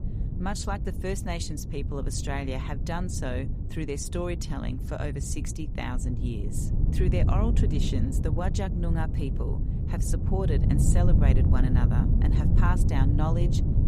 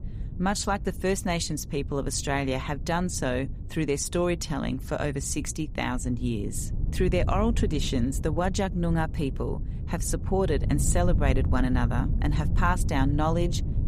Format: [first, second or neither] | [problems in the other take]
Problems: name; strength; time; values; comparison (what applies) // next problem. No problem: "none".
second | wind noise on the microphone; heavy; 4 dB below the speech; occasional gusts in the second